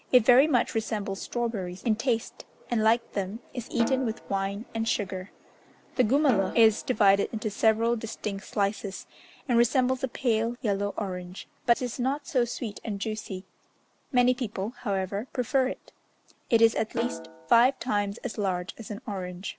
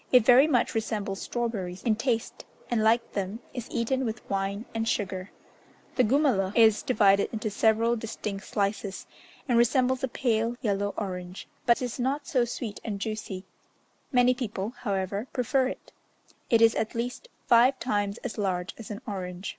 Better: second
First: background sound (Snare drum); 12 dB below the speech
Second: none

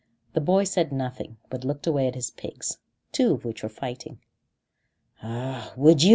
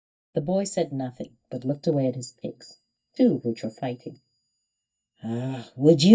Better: first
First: none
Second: noise reduction (neural mask model DeepFilterNet 3)

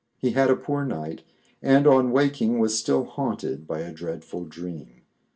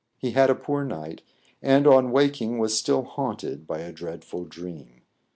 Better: second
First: room echo; dies away in 0.1 s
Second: none

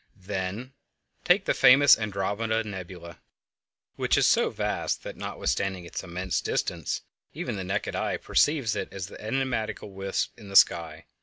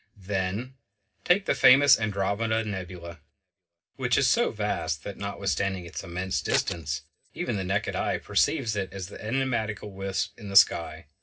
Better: first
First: none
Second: noise reduction (neural separator model SepFormer DNS4)

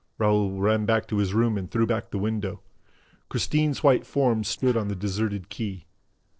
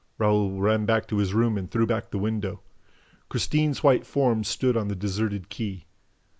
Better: second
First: noise reduction (neural separator model SepFormer DNS4)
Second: none

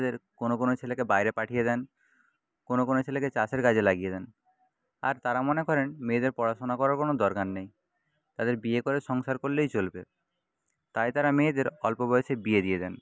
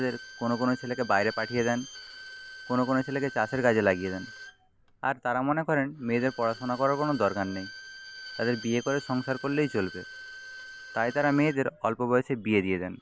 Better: first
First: none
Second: background sound (Bowed string instrument); 16 dB below the speech

